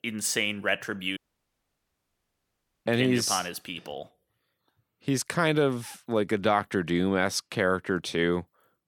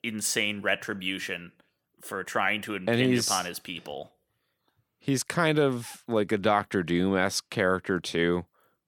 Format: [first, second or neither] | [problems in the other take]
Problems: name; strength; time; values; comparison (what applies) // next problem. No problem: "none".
second | audio cutting out; at 1 s for 1.5 s